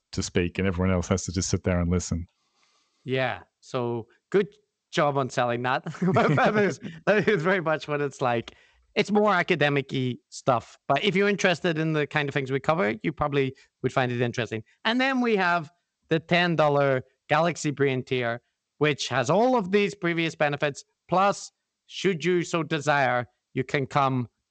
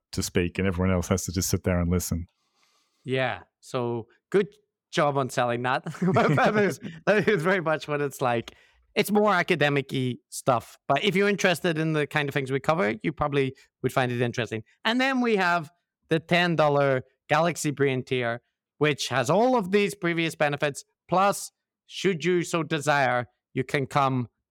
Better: second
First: garbled, watery; slightly; nothing above 7.5 kHz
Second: none

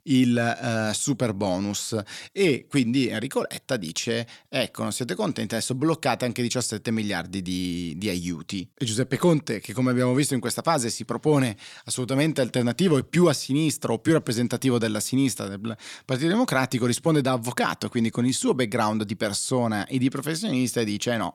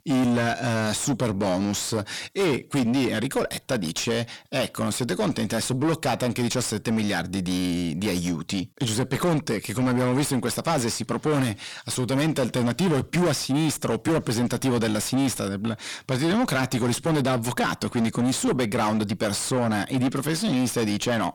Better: first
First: none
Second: distortion; heavy; 8 dB below the speech

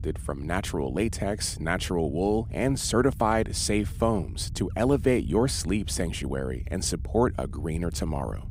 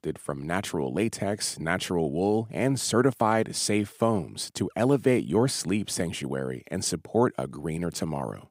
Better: second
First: low rumble; faint; throughout; 25 dB below the speech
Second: none

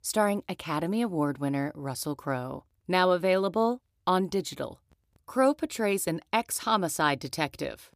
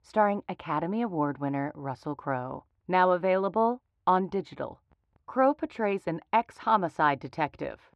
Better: first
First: none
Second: muffled; very; fading above 2 kHz

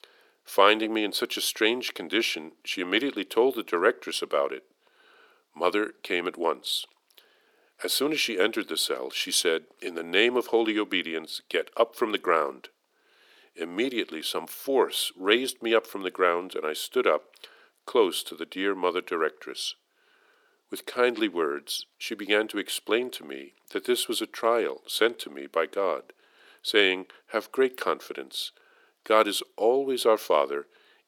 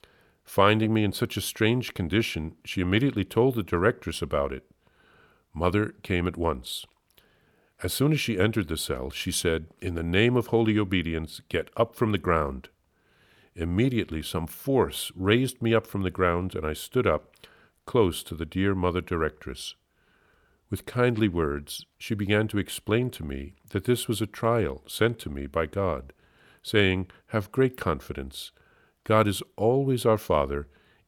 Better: second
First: thin; somewhat; fading below 300 Hz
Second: none

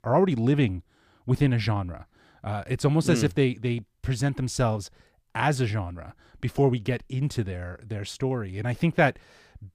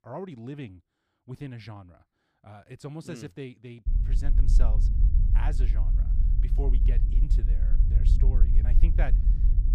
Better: first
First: none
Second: low rumble; loud; from 4 s on; 3 dB below the speech

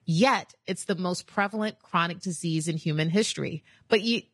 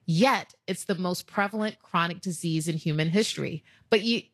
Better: second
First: garbled, watery; badly; nothing above 10.5 kHz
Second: garbled, watery; slightly; nothing above 12.5 kHz

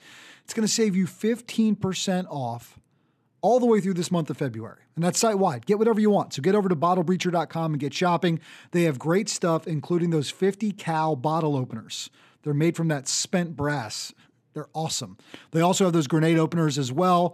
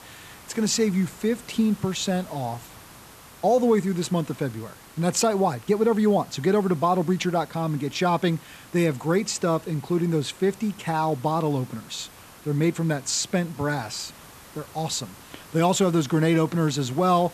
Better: first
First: none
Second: hiss; faint; throughout; 20 dB below the speech

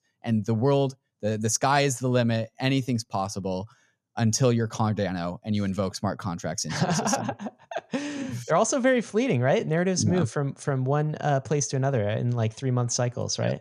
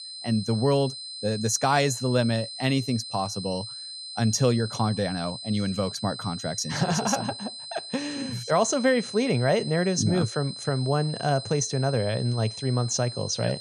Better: first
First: none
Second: high-pitched whine; loud; throughout; 4 kHz, 10 dB below the speech

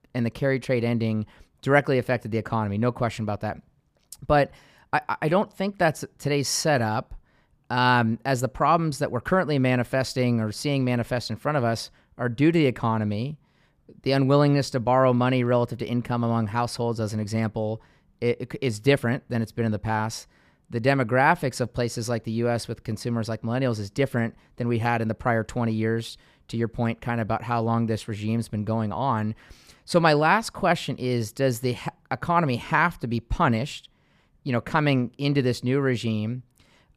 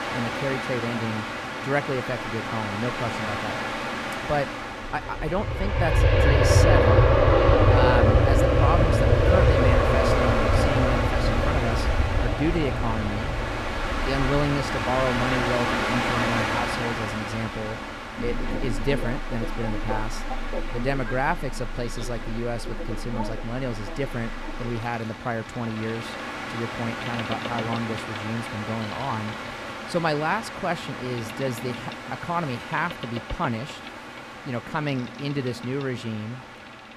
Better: first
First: none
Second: train or aircraft noise; very loud; throughout; 5 dB above the speech

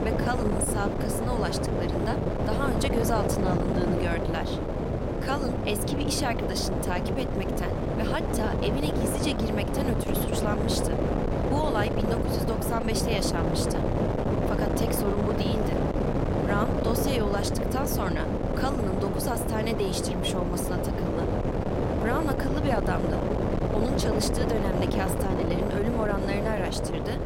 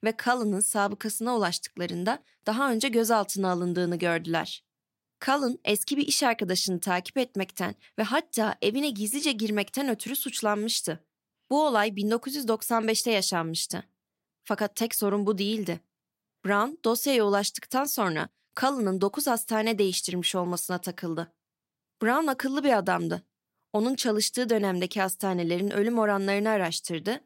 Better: second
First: wind noise on the microphone; heavy; 1 dB above the speech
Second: none

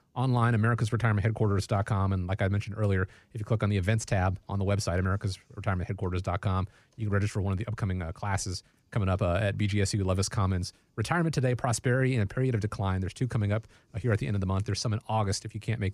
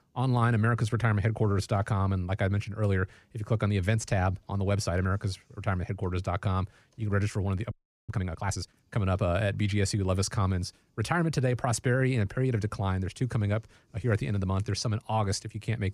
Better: first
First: none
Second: audio freezing; at 7.5 s

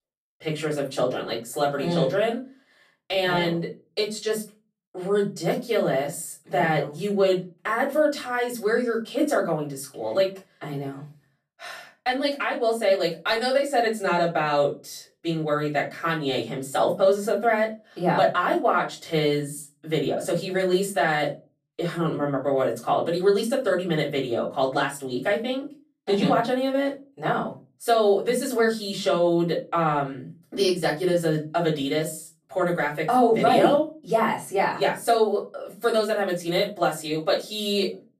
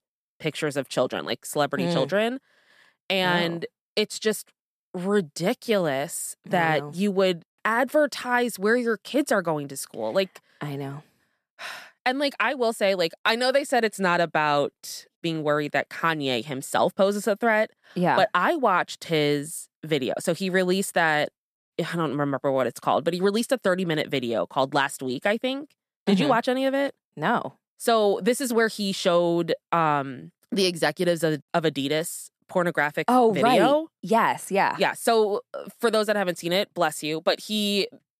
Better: second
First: off-mic speech; far // room echo; very slight; dies away in 0.3 s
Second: none

